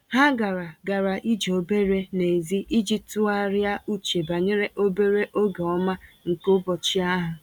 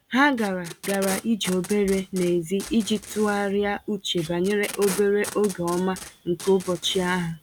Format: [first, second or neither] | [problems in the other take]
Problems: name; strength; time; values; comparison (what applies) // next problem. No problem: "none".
first | background sound (Packing tape, duct tape); 14 dB below the speech